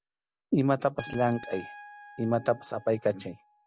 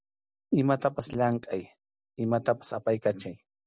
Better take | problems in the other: second | background sound (Trumpet); 19 dB below the speech

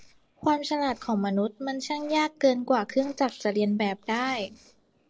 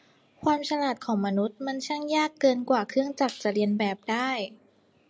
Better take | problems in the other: second | noise reduction (neural separator model SepFormer DNS4)

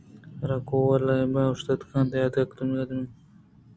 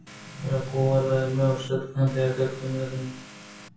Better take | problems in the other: first | background sound (Vehicle); 19 dB below the speech // room echo; dies away in 0.3 s

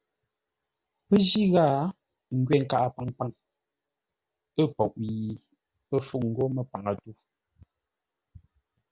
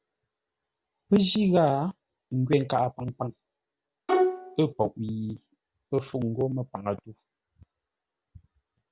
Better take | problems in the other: first | background sound (Bowed string instrument); 2 dB above the speech

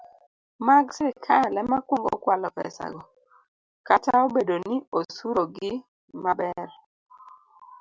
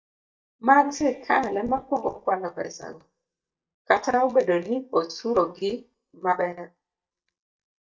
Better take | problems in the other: first | noise reduction (neural mask model DeepFilterNet 3)

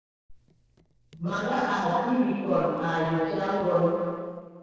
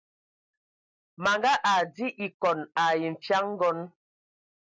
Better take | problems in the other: second | noise reduction (neural separator model SepFormer DNS4)

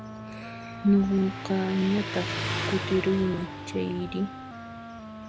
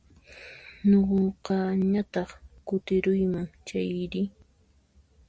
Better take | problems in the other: second | background sound (Motorcycle + Wind instrument, woodwind instrument); 7 dB below the speech

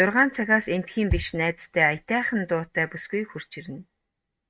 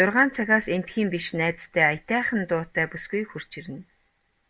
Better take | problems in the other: second | noise reduction (neural mask model RNNoise)

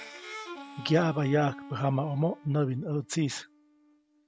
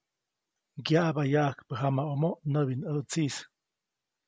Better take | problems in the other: second | background sound (Harmonica); 16 dB below the speech

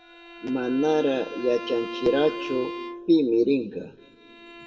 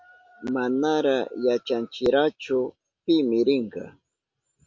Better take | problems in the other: second | background sound (Bowed string instrument); 12 dB below the speech // room echo; dies away in 1.5 s

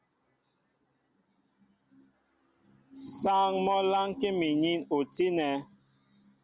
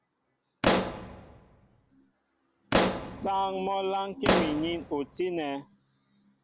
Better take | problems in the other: first | background sound (Explosion); 3 dB above the speech

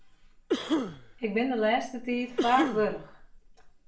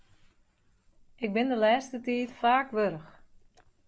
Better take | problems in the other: second | background sound (Cough); 3 dB below the speech // room echo; dies away in 0.4 s

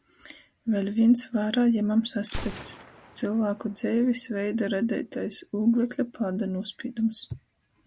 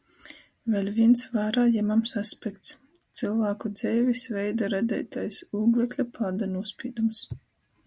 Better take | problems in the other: second | background sound (Gunshot, gunfire); 19 dB below the speech

